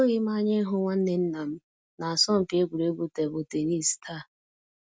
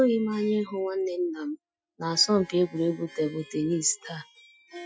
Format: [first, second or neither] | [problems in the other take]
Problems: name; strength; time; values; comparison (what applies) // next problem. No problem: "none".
first | noise reduction (classical method Wiener filter)